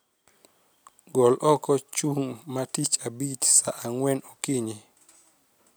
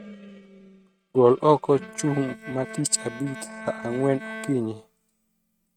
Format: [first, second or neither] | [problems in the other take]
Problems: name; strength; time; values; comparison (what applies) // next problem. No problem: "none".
first | noise reduction (neural mask model RNNoise)